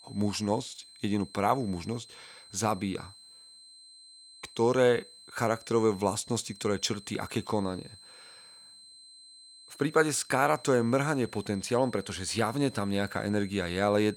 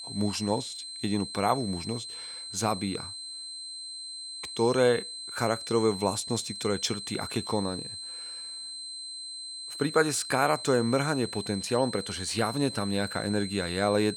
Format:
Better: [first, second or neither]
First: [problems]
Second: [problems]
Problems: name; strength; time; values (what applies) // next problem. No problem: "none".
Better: first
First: high-pitched whine; faint; throughout; 4 kHz, 20 dB below the speech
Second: high-pitched whine; loud; throughout; 4 kHz, 8 dB below the speech